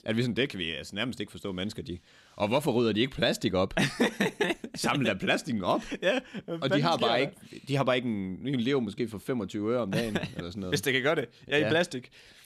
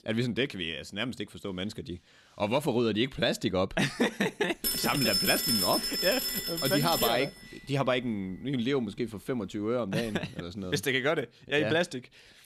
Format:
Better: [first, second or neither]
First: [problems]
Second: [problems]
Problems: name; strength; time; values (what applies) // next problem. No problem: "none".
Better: first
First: none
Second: phone ringing; loud; from 4.5 to 7.5 s; peak 4 dB above the speech